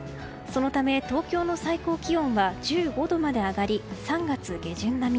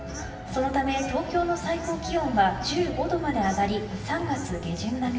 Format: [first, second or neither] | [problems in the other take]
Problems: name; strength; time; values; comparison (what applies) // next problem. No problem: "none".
first | background sound (Bird / Fowl); 15 dB below the speech // room echo; dies away in 1.2 s